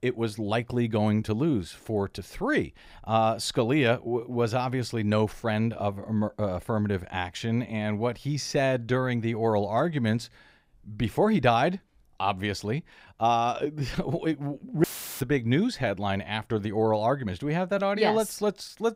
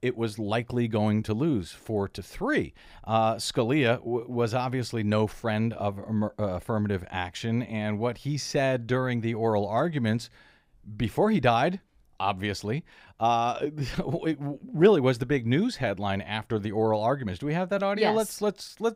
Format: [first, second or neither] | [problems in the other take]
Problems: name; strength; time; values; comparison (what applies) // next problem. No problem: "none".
second | audio cutting out; filled with static; at 15 s